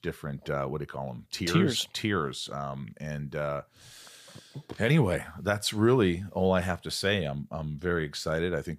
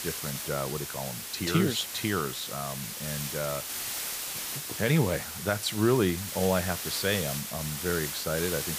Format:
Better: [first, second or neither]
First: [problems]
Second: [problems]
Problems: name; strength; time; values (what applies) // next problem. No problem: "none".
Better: first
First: none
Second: hiss; loud; throughout; 4 dB below the speech